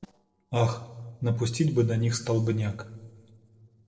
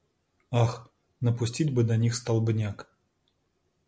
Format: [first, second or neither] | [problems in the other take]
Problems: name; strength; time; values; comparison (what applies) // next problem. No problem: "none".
second | noise reduction (neural separator model SepFormer DNS4)